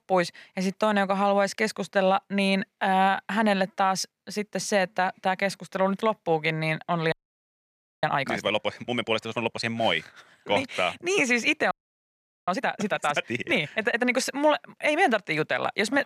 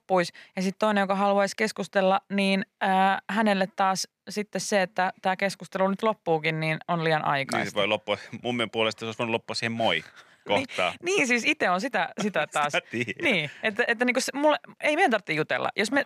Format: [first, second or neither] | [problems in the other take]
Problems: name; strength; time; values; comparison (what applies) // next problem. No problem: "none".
second | audio freezing; at 7 s for 1 s and at 12 s for 1 s